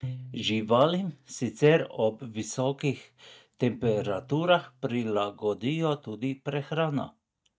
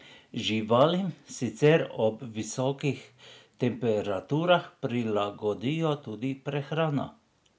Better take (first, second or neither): second